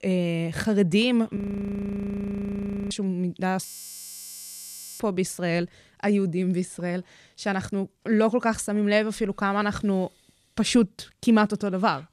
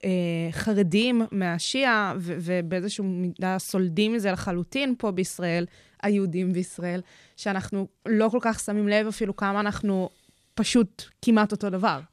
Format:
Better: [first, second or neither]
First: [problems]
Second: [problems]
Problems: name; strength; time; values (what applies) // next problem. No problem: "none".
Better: second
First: audio freezing; at 1.5 s for 1.5 s and at 3.5 s for 1.5 s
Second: none